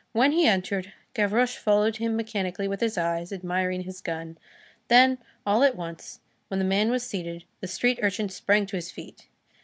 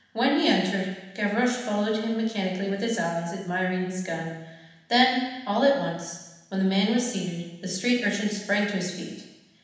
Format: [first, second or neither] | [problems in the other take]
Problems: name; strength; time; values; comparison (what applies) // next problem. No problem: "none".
first | room echo; dies away in 1.1 s